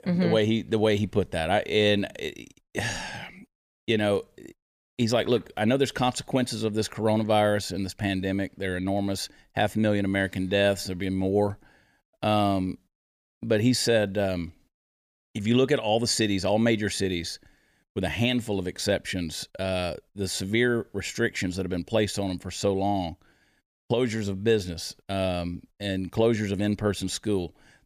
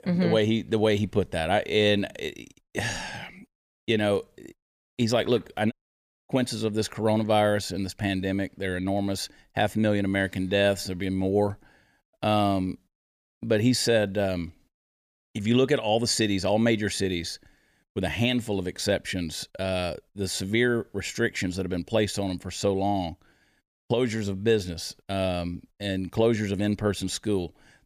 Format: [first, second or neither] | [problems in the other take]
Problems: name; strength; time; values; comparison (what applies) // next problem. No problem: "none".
first | audio cutting out; at 5.5 s for 0.5 s